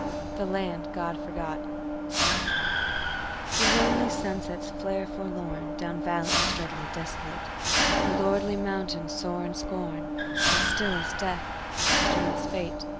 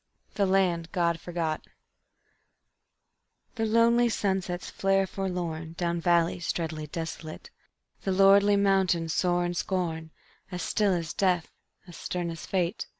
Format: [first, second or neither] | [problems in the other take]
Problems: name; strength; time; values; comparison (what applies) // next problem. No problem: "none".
second | background sound (Mechanisms + Car); 5 dB above the speech